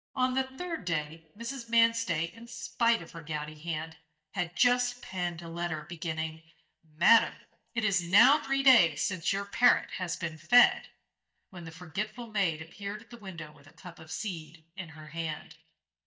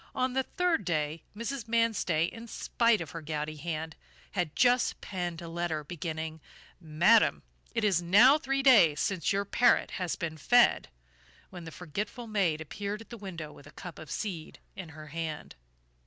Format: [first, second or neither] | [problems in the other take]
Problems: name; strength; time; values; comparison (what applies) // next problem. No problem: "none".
second | noise reduction (neural mask model DeepFilterNet 3)